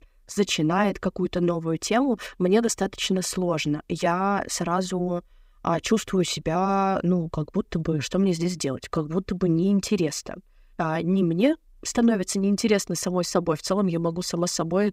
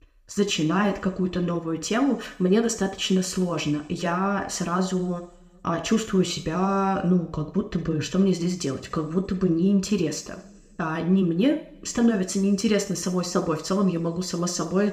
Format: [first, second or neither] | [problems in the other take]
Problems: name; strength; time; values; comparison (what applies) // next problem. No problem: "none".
first | room echo; slight; dies away in 0.8 s